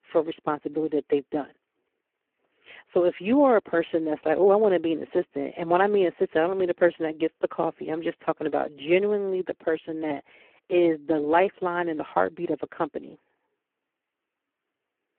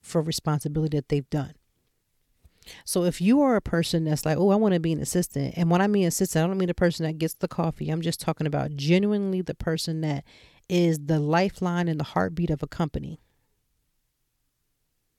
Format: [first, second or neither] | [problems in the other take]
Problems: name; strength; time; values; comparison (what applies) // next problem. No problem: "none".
second | phone-call audio; poor line